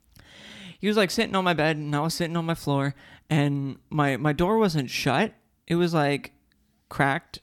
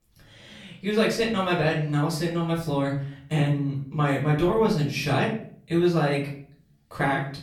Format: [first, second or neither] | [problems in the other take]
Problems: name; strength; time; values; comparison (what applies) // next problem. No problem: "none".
first | off-mic speech; far // room echo; slight; dies away in 0.5 s